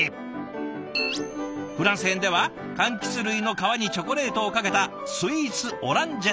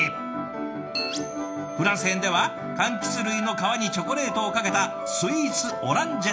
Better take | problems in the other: first | background sound (Wind instrument, woodwind instrument); 7 dB below the speech // room echo; dies away in 0.4 s

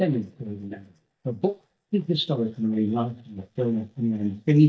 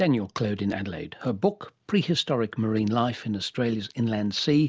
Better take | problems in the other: second | noise reduction (neural mask model DeepFilterNet 3)

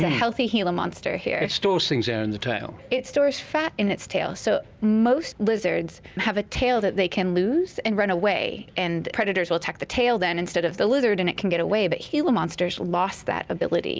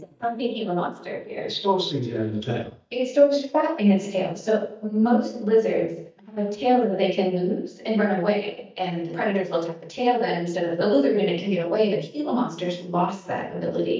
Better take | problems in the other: first | noise reduction (neural mask model DeepFilterNet 3)

